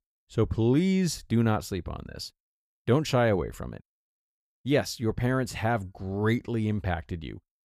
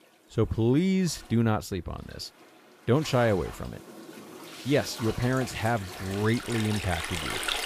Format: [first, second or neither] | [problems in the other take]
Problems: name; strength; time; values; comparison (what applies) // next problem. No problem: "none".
first | rain or running water; loud; throughout; 9 dB below the speech